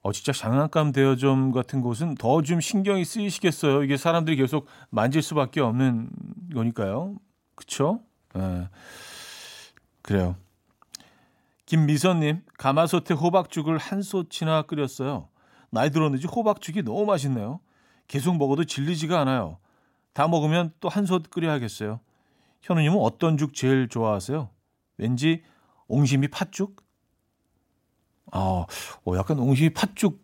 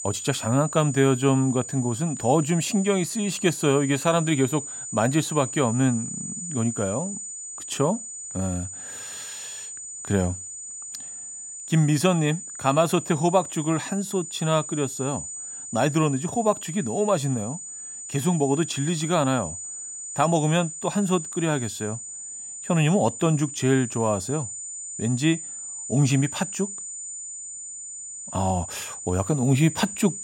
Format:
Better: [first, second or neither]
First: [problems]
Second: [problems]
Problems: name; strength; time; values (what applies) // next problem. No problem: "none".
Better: first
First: none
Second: high-pitched whine; loud; throughout; 7 kHz, 9 dB below the speech